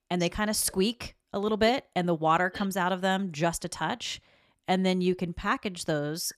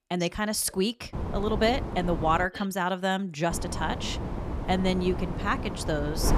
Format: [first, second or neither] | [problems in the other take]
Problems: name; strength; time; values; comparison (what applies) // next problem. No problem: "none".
first | wind noise on the microphone; occasional gusts; from 1 to 2.5 s and from 3.5 s on; 10 dB below the speech